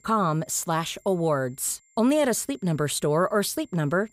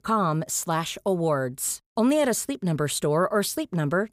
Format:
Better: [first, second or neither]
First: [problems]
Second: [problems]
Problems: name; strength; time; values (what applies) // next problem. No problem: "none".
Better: second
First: high-pitched whine; faint; throughout; 7.5 kHz, 35 dB below the speech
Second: none